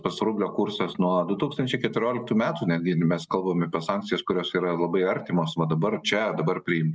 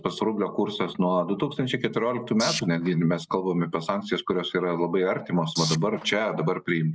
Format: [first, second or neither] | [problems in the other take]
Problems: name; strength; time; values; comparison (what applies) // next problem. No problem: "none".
first | noise reduction (neural mask model Resemble Enhance denoiser)